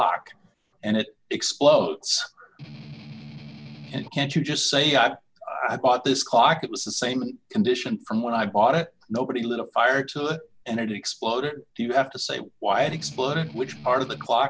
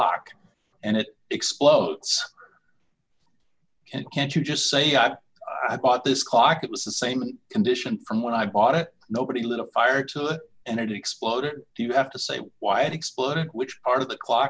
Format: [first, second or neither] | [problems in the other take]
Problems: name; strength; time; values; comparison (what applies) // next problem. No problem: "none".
second | background sound (Strum); 16 dB below the speech